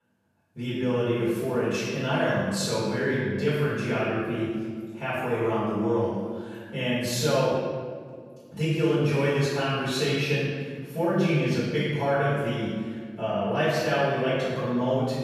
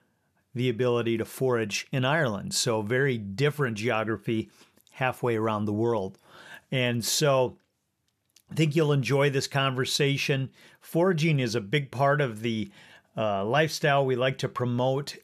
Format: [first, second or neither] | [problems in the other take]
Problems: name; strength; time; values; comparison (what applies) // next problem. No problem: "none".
second | off-mic speech; far // room echo; strong; dies away in 1.6 s